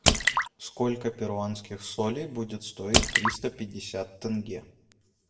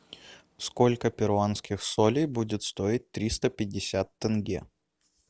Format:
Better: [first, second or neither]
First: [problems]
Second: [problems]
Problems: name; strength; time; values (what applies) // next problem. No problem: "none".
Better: second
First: background sound (Drip / Splash, splatter); 3 dB above the speech // room echo; dies away in 0.6 s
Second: none